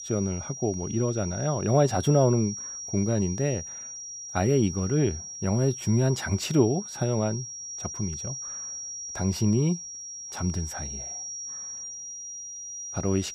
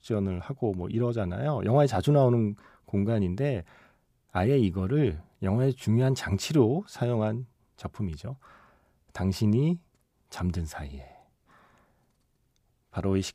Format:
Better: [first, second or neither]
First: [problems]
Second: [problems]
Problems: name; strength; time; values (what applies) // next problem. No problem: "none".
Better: second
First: high-pitched whine; loud; throughout; 5.5 kHz, 9 dB below the speech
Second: none